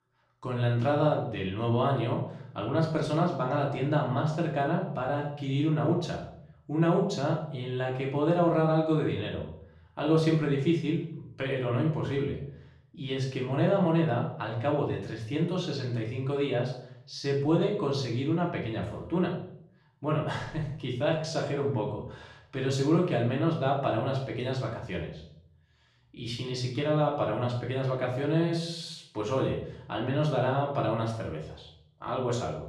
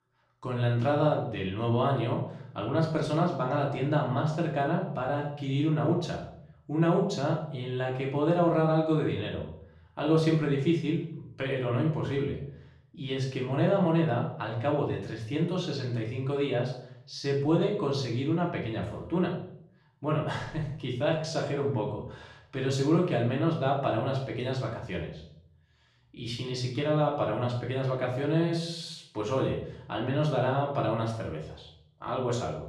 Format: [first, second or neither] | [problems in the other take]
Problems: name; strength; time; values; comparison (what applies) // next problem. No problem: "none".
neither | room echo; noticeable; dies away in 0.5 s; the same in both // off-mic speech; far; the same in both